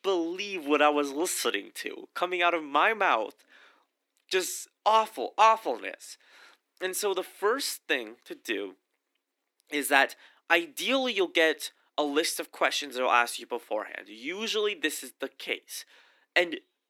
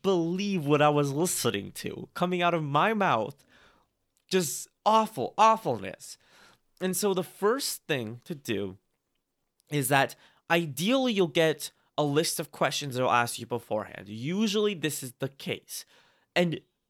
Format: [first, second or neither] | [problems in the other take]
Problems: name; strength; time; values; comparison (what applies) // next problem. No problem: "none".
second | thin; somewhat; fading below 300 Hz